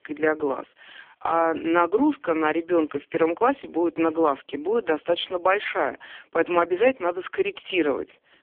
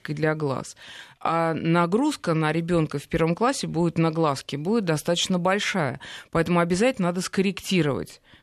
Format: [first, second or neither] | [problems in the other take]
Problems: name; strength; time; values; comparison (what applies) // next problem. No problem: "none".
second | phone-call audio; poor line; nothing above 3.5 kHz